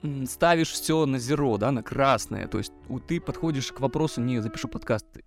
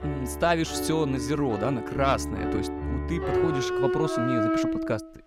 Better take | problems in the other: first | background music; loud; throughout; 1 dB below the speech; faint in the first

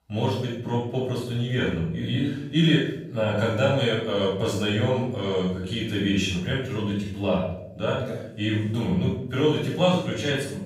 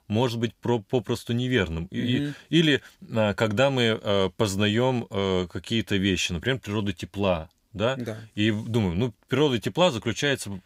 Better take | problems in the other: second | room echo; noticeable; dies away in 0.7 s // off-mic speech; far

